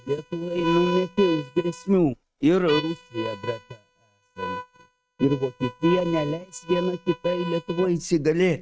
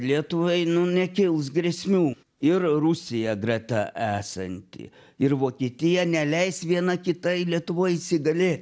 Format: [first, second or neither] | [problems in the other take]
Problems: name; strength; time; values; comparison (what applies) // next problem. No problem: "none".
second | noise reduction (neural mask model RNNoise)